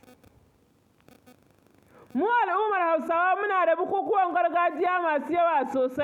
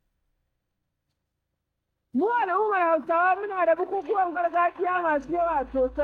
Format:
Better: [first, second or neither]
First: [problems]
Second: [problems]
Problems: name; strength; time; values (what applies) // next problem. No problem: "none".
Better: first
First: none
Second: noise reduction (neural mask model DeepFilterNet 3)